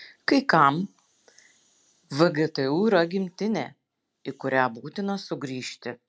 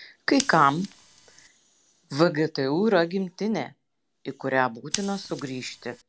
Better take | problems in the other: first | background sound (Scissors); 16 dB below the speech

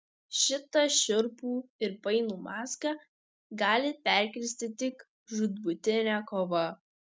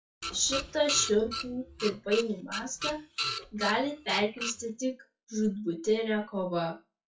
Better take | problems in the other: first | noise reduction (classical method WPE with log-MMSE)

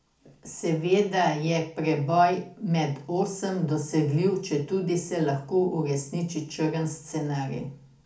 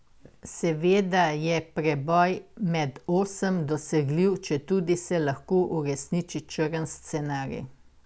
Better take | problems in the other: second | room echo; dies away in 0.4 s

